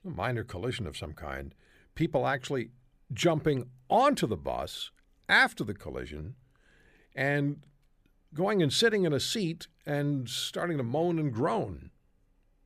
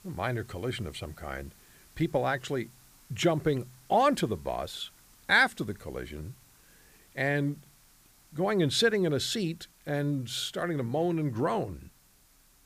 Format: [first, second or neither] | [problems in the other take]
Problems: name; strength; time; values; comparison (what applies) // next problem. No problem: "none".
first | hiss; faint; throughout; 30 dB below the speech